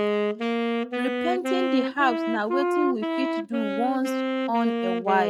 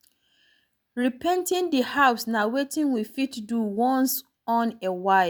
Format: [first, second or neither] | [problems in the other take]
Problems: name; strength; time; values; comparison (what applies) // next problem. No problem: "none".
second | noise reduction (neural mask model RNNoise)